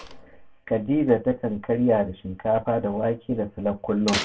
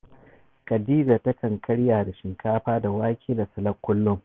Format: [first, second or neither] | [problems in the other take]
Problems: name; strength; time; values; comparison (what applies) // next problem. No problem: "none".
second | background sound (Slam); 14 dB below the speech // room echo; dies away in 0.2 s